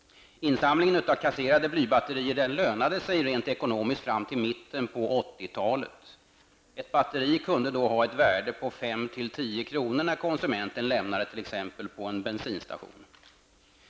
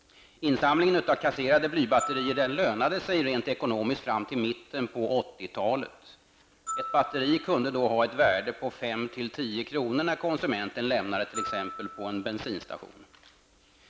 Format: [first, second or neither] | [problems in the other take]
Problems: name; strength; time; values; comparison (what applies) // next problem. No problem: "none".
first | background sound (Glockenspiel); 16 dB below the speech